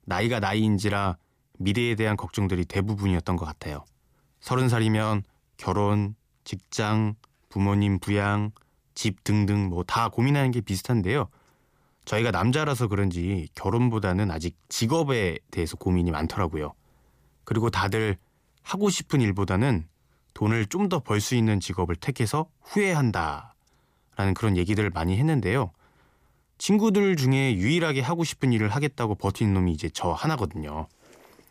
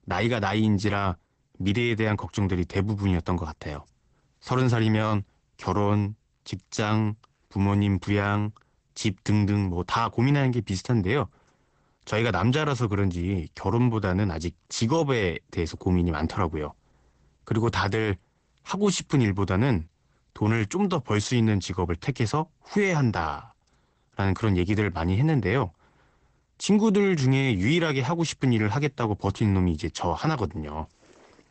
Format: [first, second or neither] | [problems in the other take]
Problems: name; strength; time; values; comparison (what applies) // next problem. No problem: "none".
first | garbled, watery; badly; nothing above 8 kHz